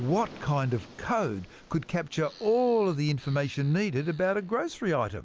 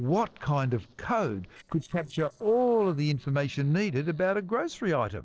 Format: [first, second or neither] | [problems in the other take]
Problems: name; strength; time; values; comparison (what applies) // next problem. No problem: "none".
first | noise reduction (neural separator model SepFormer DNS4)